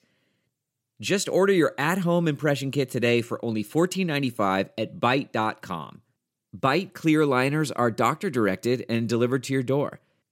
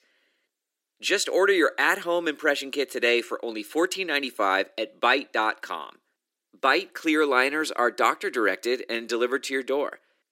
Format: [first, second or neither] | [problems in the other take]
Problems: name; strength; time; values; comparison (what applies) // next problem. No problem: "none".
first | thin; somewhat; fading below 300 Hz